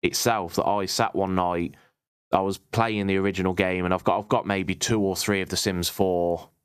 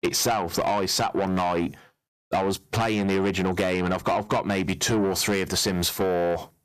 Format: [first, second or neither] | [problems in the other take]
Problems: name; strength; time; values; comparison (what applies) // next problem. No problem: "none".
first | distortion; heavy; 6 dB below the speech